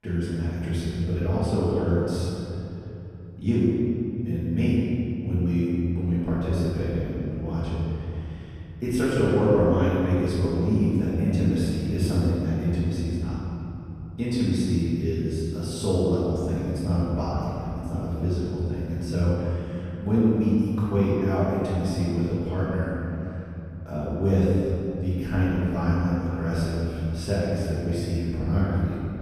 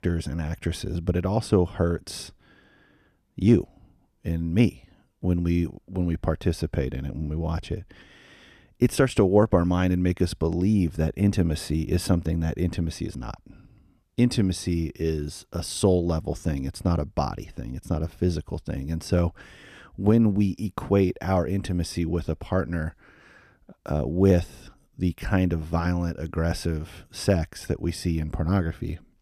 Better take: second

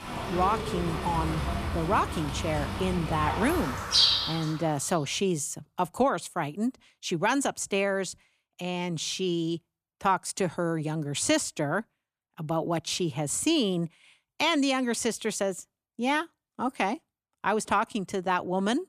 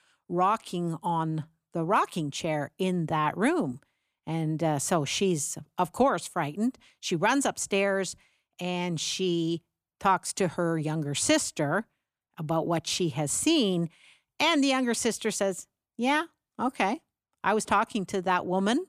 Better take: second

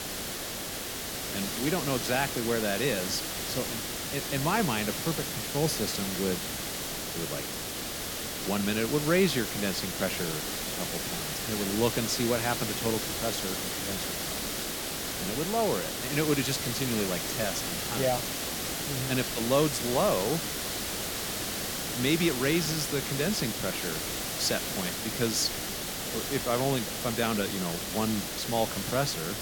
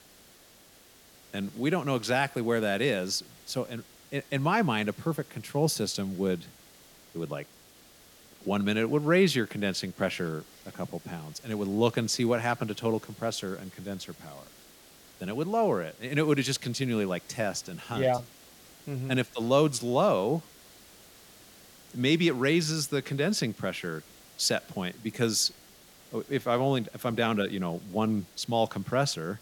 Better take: second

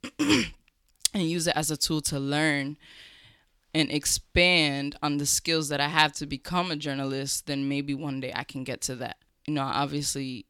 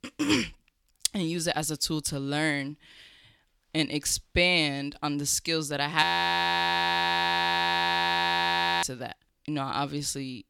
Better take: first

